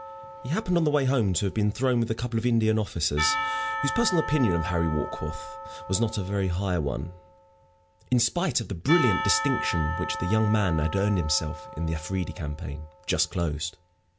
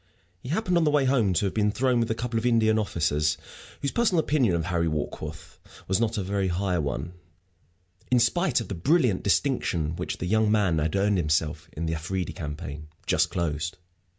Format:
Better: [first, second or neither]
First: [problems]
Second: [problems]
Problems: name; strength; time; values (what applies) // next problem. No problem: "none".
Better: second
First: background sound (Percussion); 9 dB below the speech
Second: none